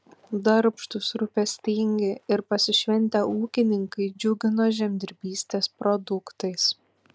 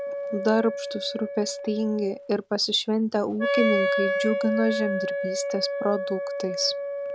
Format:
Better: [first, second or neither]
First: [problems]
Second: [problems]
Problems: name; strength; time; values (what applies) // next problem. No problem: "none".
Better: first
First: none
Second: background sound (Wind instrument, woodwind instrument); 2 dB below the speech